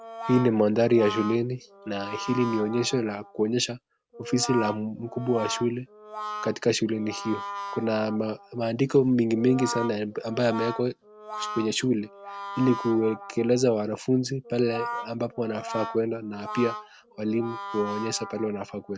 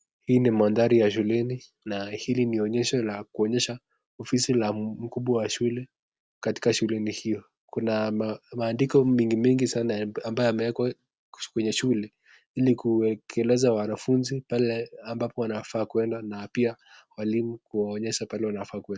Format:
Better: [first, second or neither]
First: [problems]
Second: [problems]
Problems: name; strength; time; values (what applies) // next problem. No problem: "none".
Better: second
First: background sound (Brass instrument); 11 dB below the speech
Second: none